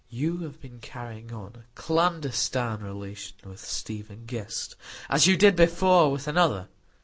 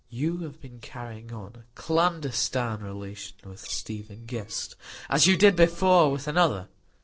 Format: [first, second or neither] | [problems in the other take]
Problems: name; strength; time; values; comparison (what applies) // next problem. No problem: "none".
first | noise reduction (neural separator model SepFormer DNS4)